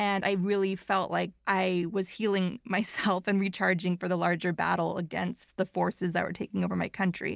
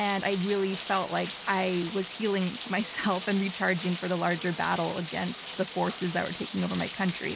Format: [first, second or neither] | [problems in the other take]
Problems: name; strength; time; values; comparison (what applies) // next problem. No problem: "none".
first | background sound (Rain); 12 dB below the speech